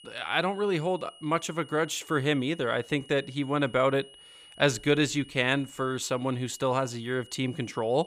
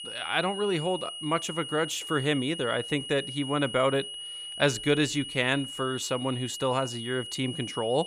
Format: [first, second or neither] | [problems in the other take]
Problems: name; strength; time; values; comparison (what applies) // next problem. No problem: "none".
first | high-pitched whine; loud; throughout; 3 kHz, 8 dB below the speech; faint in the first